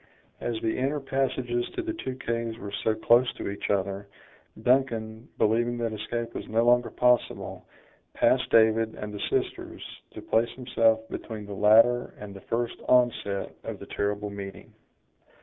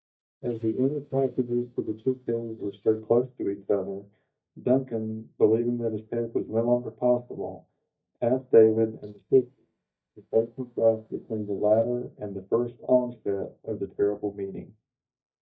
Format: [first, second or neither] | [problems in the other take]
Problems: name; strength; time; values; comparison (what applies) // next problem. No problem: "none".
first | noise reduction (neural mask model DeepFilterNet 3)